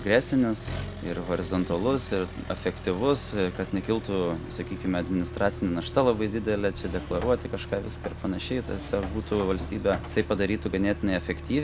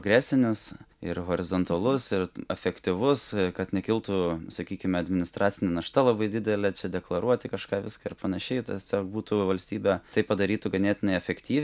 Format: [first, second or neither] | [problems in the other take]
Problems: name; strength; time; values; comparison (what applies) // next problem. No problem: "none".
second | background sound (Accelerating, revving, vroom); 9 dB below the speech